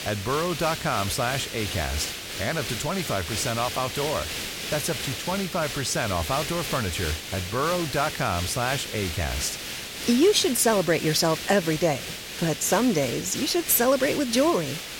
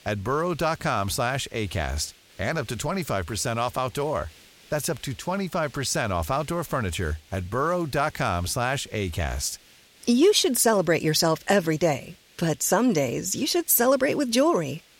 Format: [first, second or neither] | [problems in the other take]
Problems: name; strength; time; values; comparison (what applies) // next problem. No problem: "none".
second | hiss; loud; throughout; 6 dB below the speech; faint in the second